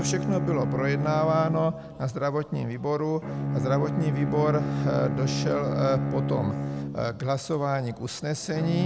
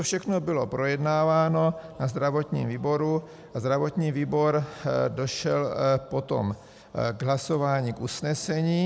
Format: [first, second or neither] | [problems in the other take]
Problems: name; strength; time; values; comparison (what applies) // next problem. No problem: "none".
second | background sound (Bowed string instrument); 3 dB below the speech